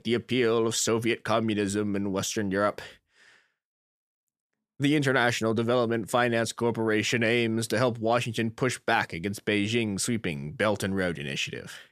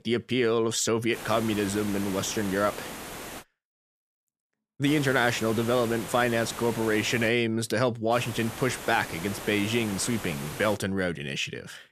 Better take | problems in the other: first | hiss; noticeable; from 1 to 3.5 s, from 5 to 7.5 s and from 8 to 11 s; 10 dB below the speech

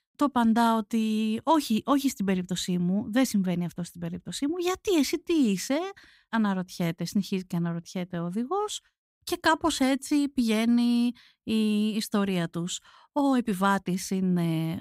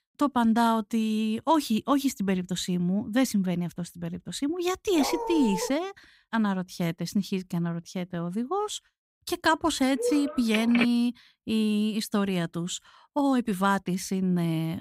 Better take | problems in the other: first | dog barking; noticeable; at 5 s; peak 5 dB below the speech // phone ringing; noticeable; at 10 s; peak 2 dB below the speech

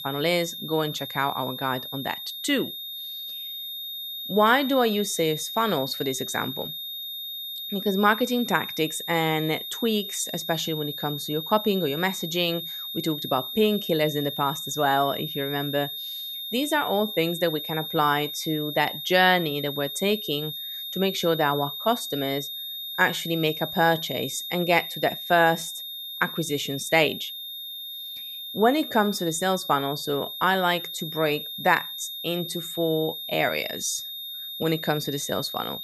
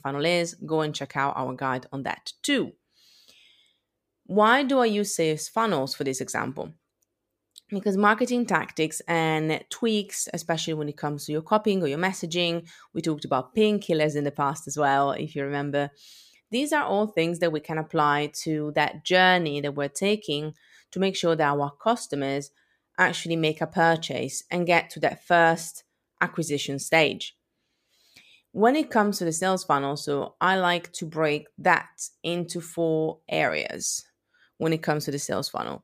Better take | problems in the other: second | high-pitched whine; loud; throughout; 3.5 kHz, 7 dB below the speech

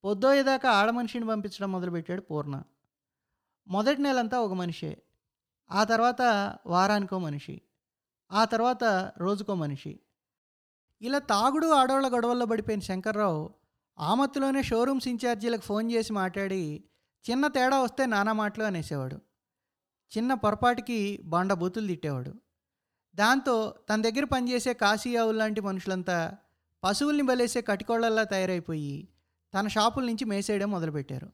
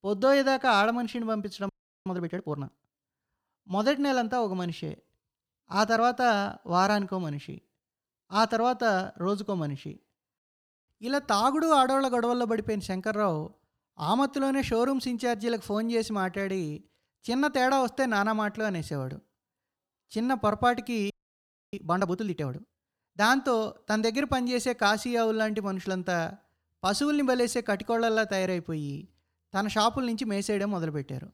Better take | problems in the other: first | audio freezing; at 1.5 s and at 21 s for 0.5 s

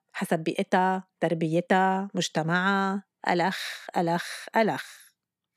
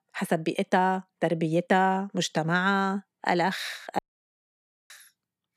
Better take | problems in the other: first | audio cutting out; at 4 s for 1 s

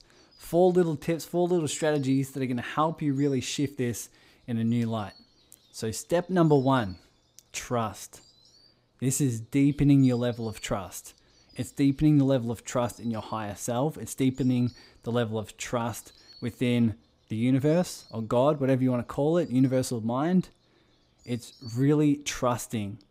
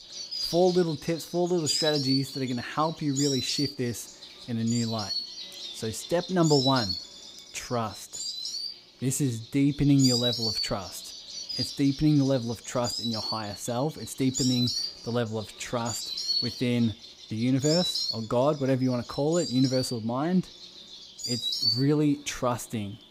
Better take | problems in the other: first | animal sounds; loud; throughout; 3 dB below the speech; faint in the first

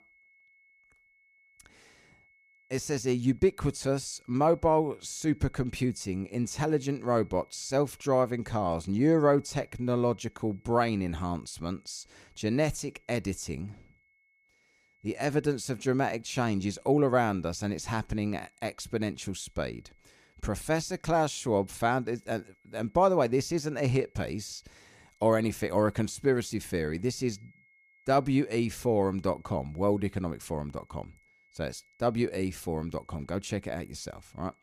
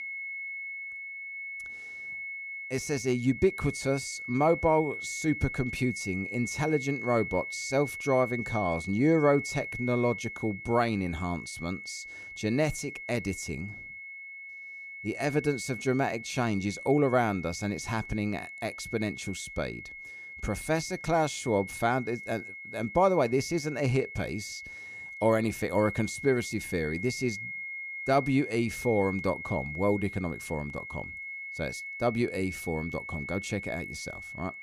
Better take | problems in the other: first | high-pitched whine; loud; throughout; 2 kHz, 8 dB below the speech; faint in the first

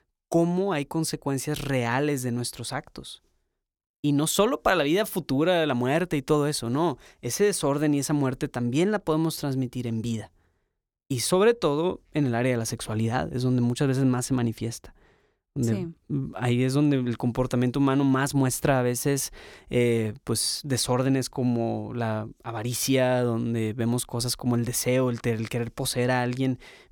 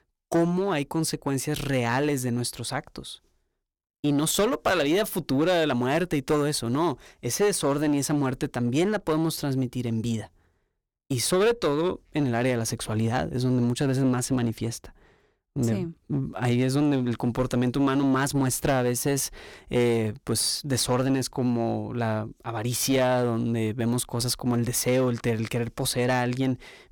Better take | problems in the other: first | distortion; slight; 8% of the sound clipped

